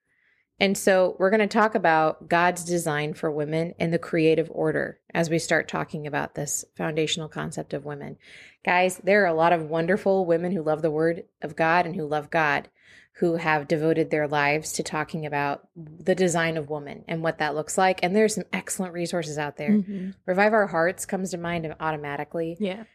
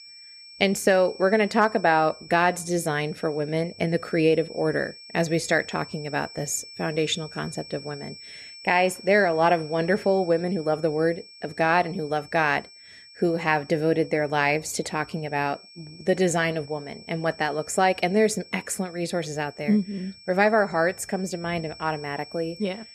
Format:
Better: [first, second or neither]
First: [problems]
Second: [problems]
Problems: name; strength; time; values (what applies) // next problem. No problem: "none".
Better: first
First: none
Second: high-pitched whine; noticeable; throughout; 5.5 kHz, 20 dB below the speech